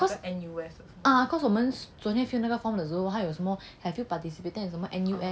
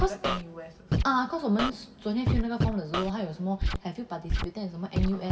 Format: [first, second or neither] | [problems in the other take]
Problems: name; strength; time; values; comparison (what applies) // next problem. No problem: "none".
first | background sound (Scratching (performance technique)); as loud as the speech // room echo; dies away in 1.2 s